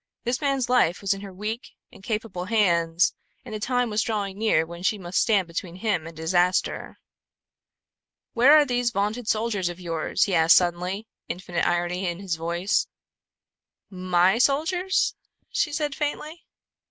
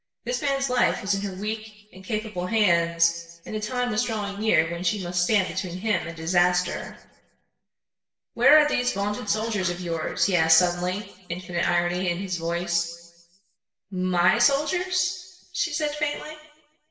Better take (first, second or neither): first